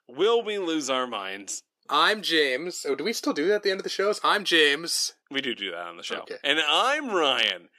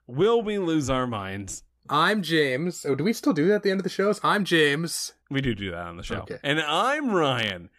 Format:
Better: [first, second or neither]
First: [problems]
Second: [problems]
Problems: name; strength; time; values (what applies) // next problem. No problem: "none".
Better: second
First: thin; somewhat; fading below 300 Hz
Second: none